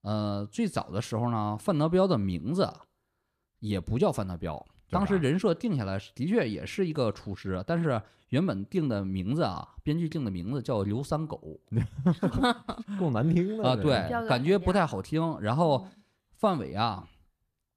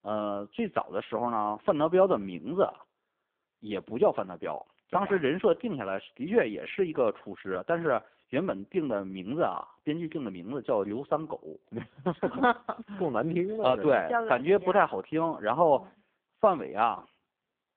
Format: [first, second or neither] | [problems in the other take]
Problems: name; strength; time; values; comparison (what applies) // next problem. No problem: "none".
first | phone-call audio; poor line